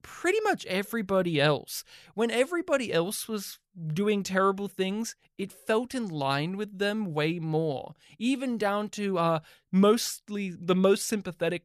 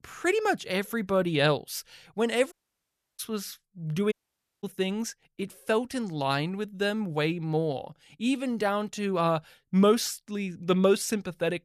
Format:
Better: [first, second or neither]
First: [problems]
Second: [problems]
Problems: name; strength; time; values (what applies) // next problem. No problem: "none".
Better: first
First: none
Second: audio cutting out; at 2.5 s for 0.5 s and at 4 s for 0.5 s